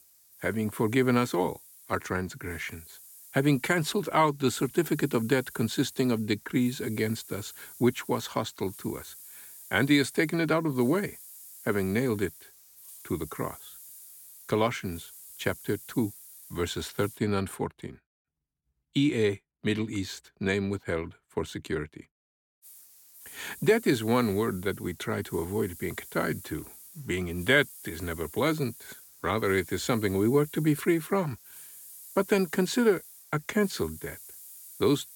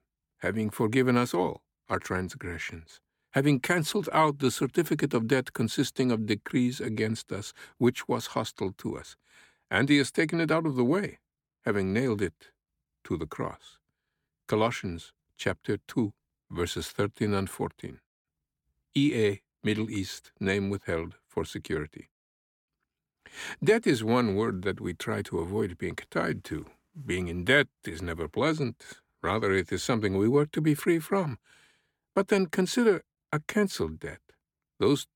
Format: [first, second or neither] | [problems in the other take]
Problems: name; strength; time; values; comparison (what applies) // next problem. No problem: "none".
second | hiss; noticeable; until 17 s and from 23 s on; 15 dB below the speech